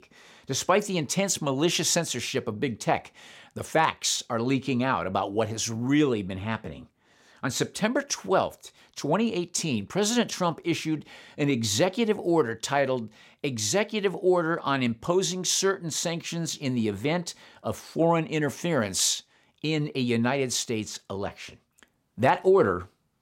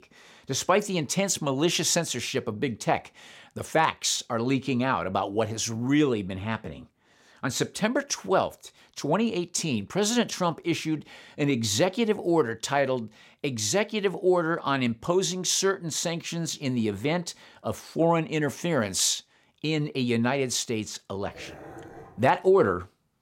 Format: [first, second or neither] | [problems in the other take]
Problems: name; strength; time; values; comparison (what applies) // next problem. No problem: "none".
first | dog barking; faint; at 21 s; peak 15 dB below the speech